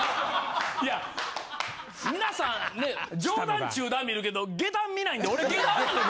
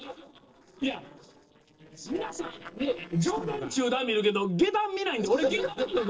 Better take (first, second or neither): first